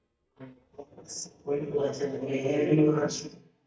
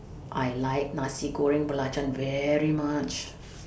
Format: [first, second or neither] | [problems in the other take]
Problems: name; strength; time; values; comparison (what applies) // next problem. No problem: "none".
second | noise reduction (neural mask model DeepFilterNet 3)